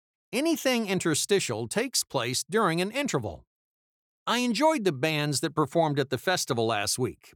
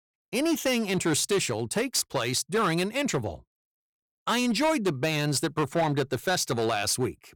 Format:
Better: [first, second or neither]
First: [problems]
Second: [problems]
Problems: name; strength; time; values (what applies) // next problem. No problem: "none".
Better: first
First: none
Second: distortion; slight; 9% of the sound clipped